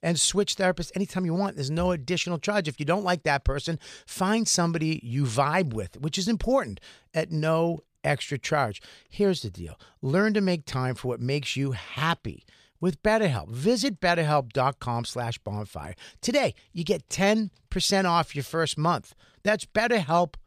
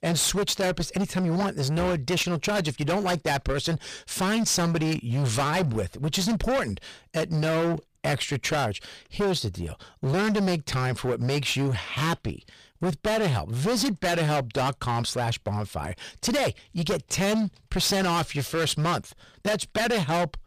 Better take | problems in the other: first | distortion; heavy; 23% of the sound clipped

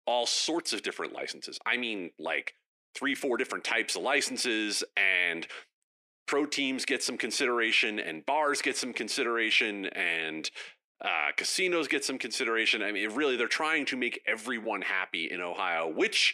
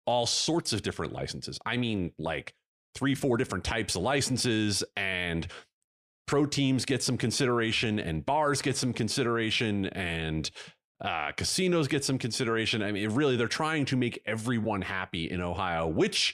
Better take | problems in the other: second | thin; somewhat; fading below 300 Hz

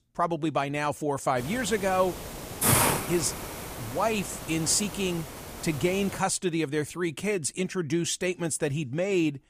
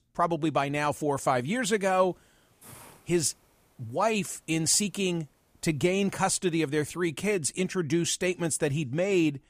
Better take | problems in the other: second | hiss; loud; from 1.5 to 6 s; 3 dB below the speech; faint in the second

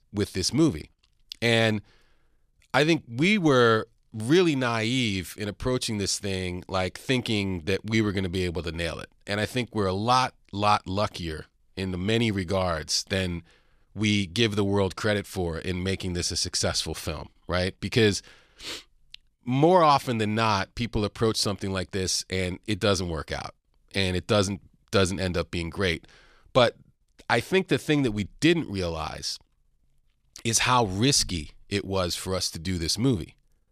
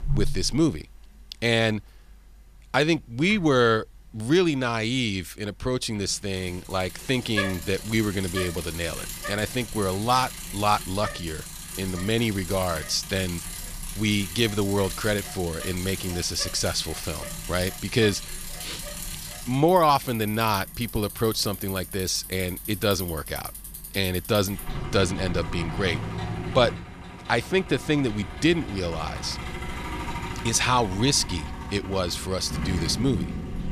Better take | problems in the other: first | traffic noise; loud; throughout; 9 dB below the speech

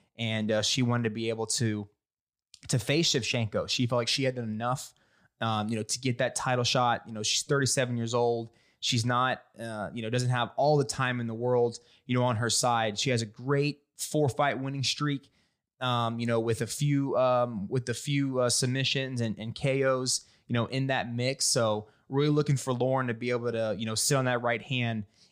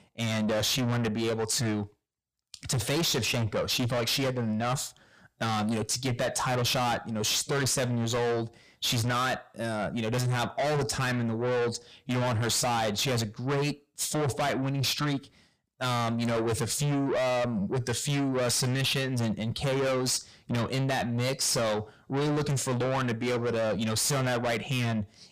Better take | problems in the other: first | distortion; heavy; 6 dB below the speech

